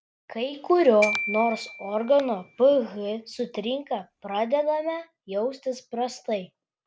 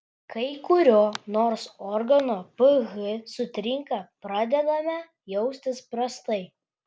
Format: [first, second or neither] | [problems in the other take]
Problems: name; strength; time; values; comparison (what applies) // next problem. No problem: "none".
second | background sound (Glockenspiel); 10 dB below the speech